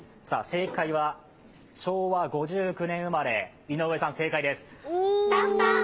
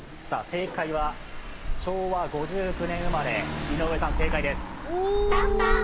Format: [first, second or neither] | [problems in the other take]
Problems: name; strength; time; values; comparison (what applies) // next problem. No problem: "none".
first | background sound (Engine / Car); 1 dB below the speech